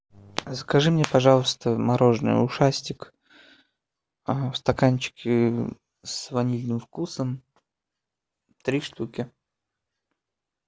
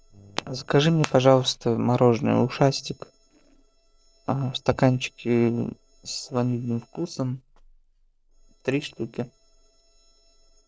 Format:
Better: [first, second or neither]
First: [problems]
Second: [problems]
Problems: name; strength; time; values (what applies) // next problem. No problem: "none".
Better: first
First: none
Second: noise reduction (neural separator model SepFormer DNS4)